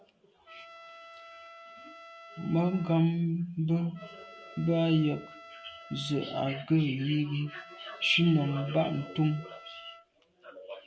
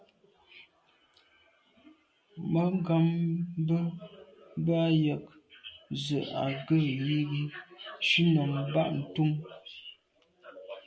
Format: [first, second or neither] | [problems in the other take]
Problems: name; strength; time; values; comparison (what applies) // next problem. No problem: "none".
second | background sound (Trumpet); 20 dB below the speech